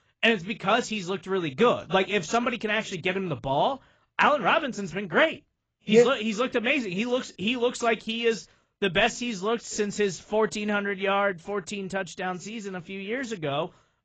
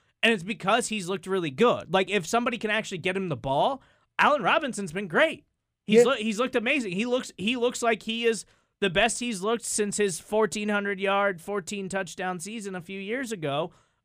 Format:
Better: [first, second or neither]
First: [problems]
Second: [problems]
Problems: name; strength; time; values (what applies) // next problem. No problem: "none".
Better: second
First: garbled, watery; badly; nothing above 7.5 kHz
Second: none